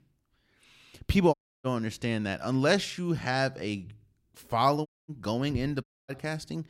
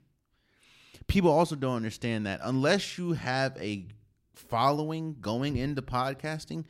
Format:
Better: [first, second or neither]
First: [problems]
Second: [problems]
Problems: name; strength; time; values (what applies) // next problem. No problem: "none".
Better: second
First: audio cutting out; at 1.5 s, at 5 s and at 6 s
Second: none